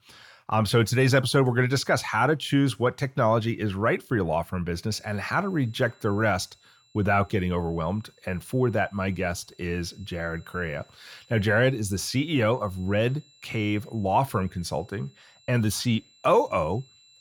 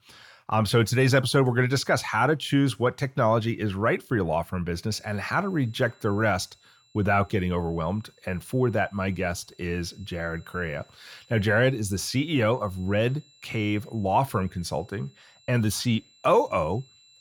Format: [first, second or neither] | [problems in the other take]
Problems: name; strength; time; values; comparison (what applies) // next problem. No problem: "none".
neither | high-pitched whine; faint; from 5 s on; 4 kHz, 30 dB below the speech; the same in both